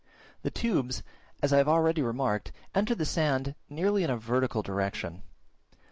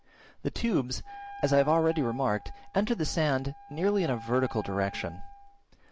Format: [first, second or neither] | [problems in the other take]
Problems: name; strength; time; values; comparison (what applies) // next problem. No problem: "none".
first | background sound (Wind instrument, woodwind instrument); 17 dB below the speech